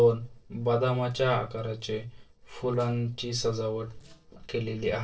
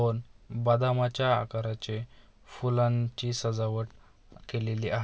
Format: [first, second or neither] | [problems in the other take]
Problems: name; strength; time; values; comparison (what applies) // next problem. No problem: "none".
second | noise reduction (neural separator model SepFormer DNS4)